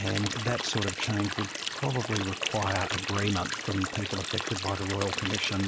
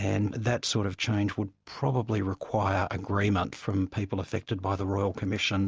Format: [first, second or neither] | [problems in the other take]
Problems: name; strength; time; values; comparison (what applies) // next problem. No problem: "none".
second | background sound (Stream); 3 dB below the speech